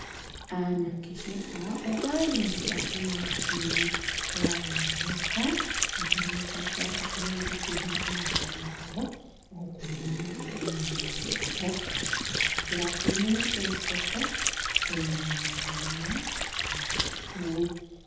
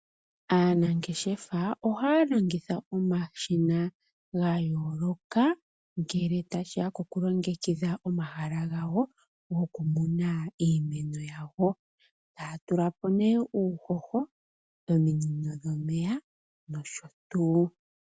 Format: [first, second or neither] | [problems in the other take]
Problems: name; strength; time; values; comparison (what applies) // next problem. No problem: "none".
second | background sound (Sink (filling or washing) / Water); 2 dB above the speech // room echo; dies away in 0.8 s